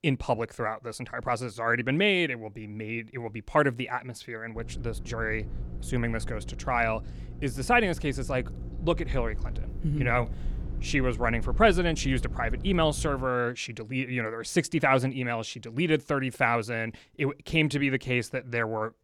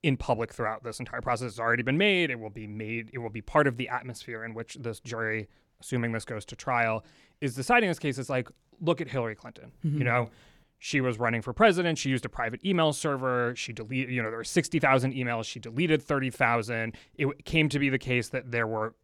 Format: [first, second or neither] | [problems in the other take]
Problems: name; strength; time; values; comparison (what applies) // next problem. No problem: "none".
second | low rumble; faint; from 4.5 to 13 s; 20 dB below the speech